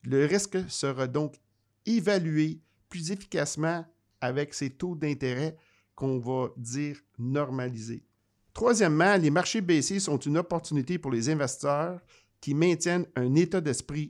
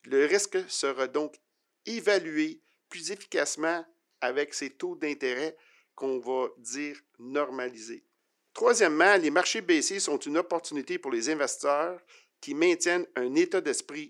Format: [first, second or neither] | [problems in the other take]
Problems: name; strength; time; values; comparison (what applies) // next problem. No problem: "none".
first | thin; somewhat; fading below 350 Hz